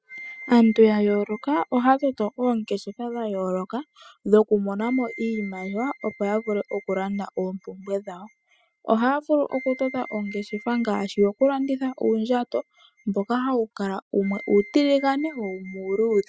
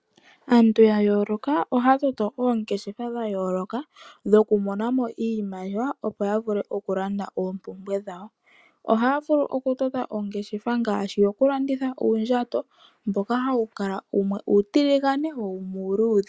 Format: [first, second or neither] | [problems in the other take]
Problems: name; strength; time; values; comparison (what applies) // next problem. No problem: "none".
second | noise reduction (classical method spectral subtraction)